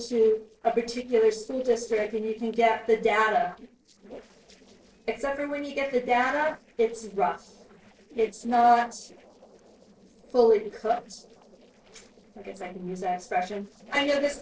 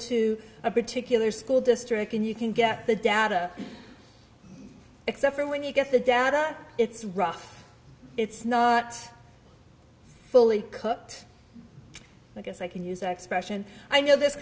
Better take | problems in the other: second | noise reduction (neural separator model SepFormer DNS4)

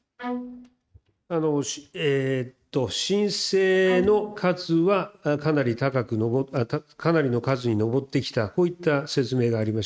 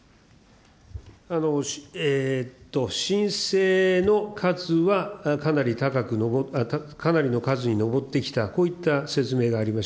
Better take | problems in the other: second | noise reduction (neural mask model RNNoise)

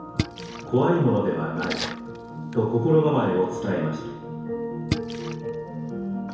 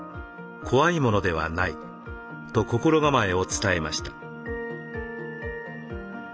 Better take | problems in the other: second | background sound (Splash, splatter); 12 dB below the speech // room echo; dies away in 1 s

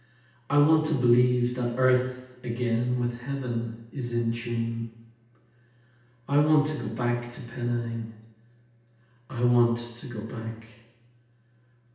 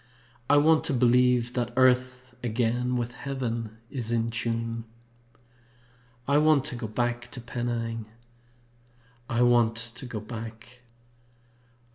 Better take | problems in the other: second | room echo; dies away in 0.9 s

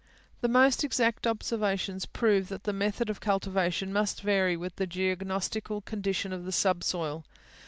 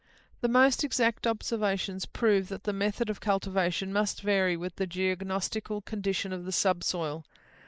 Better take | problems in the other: first | noise reduction (neural mask model Resemble Enhance denoiser)

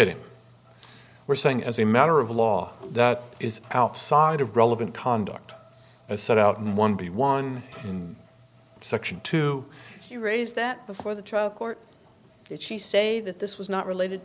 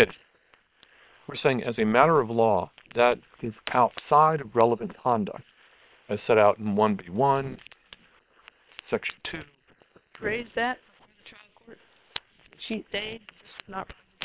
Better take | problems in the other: first | noise reduction (neural separator model SepFormer WHAM!)

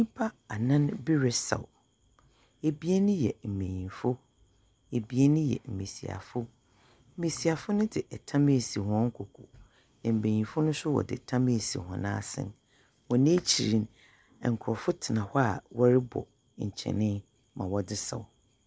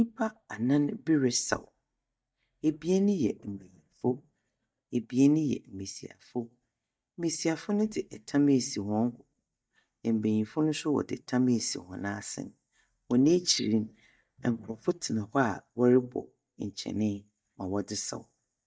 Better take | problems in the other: first | noise reduction (neural mask model DeepFilterNet 3)

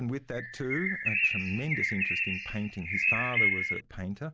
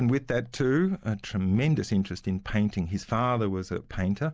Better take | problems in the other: second | background sound (Bird); 5 dB above the speech

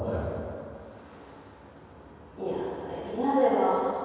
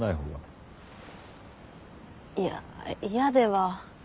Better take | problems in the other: second | room echo; dies away in 2.2 s

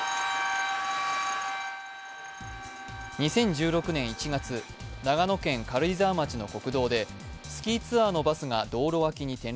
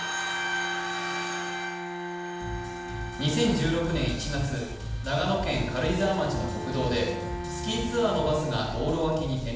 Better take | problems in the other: first | background sound (Bowed string instrument); 10 dB below the speech // room echo; dies away in 0.7 s

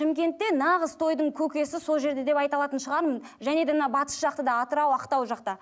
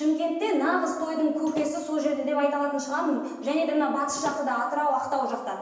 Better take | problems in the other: first | background sound (Slam / Wood); 14 dB below the speech // room echo; dies away in 1 s

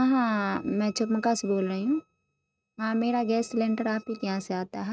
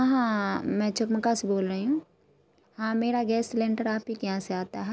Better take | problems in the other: second | noise reduction (neural mask model RNNoise)

